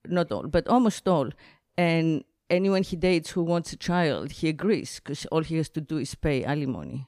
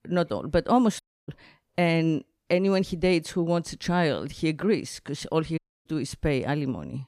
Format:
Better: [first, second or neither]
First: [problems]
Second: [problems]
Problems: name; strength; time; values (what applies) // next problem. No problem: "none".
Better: first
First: none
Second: audio cutting out; at 1 s and at 5.5 s